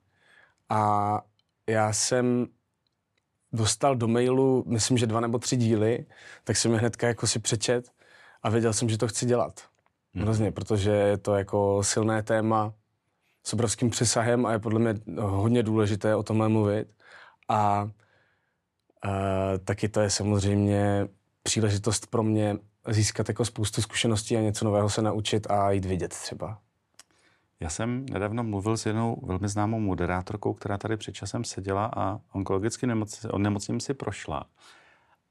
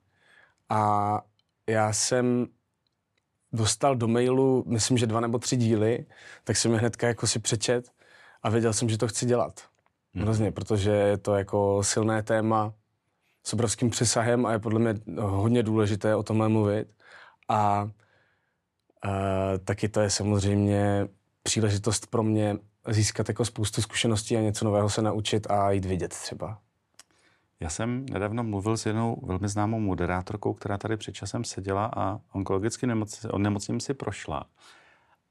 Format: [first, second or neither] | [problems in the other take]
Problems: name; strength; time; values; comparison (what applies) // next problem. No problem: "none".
neither | none